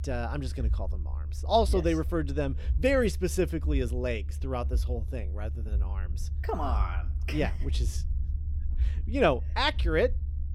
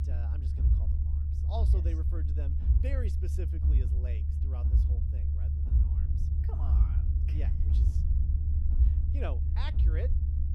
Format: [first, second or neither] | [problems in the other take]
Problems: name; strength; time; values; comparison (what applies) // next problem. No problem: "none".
first | low rumble; loud; throughout; 1 dB below the speech; faint in the first